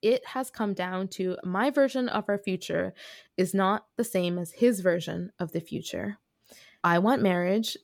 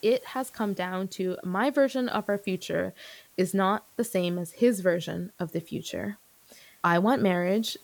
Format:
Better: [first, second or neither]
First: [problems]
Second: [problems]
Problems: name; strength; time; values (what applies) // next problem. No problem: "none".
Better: first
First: none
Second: hiss; faint; throughout; 25 dB below the speech